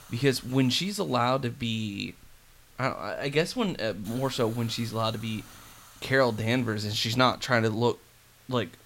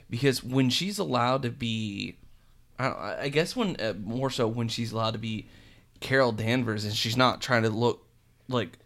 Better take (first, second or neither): second